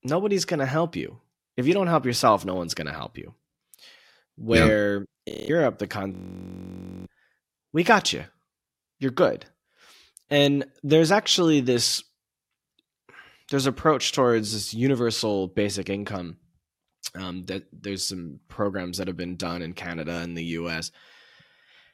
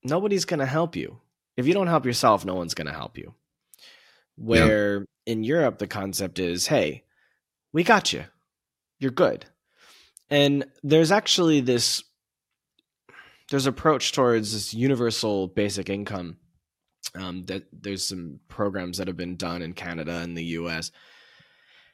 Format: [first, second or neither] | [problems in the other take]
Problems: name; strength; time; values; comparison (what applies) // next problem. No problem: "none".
second | audio freezing; at 5.5 s and at 6 s for 1 s